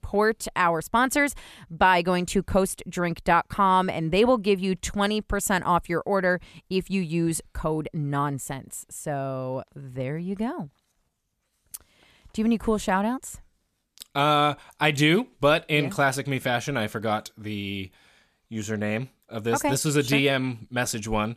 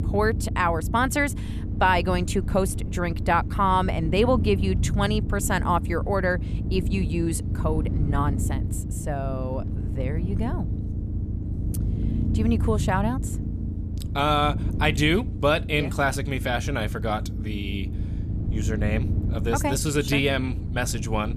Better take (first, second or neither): first